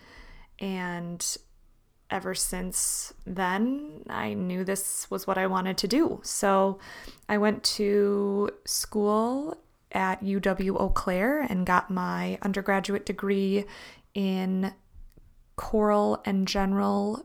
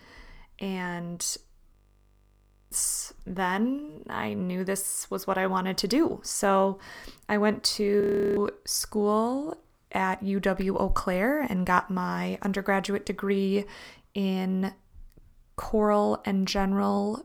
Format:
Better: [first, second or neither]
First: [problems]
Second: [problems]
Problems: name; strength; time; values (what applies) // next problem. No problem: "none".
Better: first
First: none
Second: audio freezing; at 1.5 s for 1 s and at 8 s